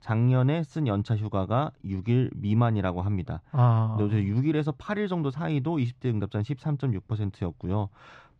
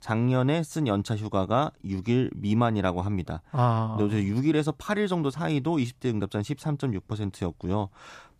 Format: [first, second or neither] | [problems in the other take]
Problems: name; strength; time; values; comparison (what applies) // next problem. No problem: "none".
second | muffled; slightly; fading above 3.5 kHz